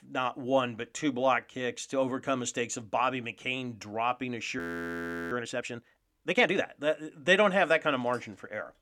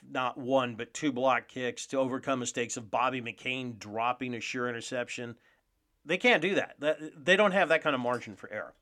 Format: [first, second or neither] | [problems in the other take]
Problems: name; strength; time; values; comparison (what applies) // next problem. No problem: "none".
second | audio freezing; at 4.5 s for 0.5 s